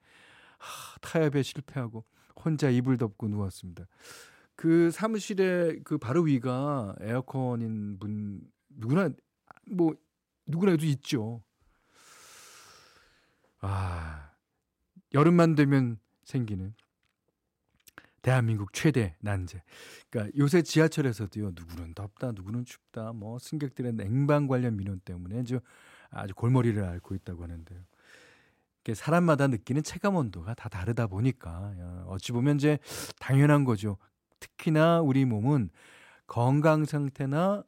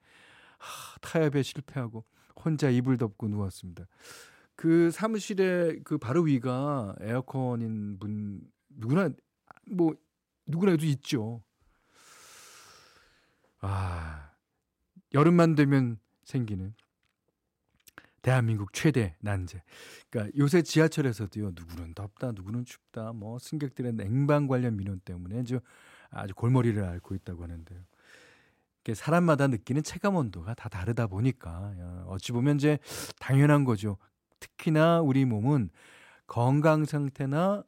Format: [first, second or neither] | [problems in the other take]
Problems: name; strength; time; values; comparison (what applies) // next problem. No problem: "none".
neither | none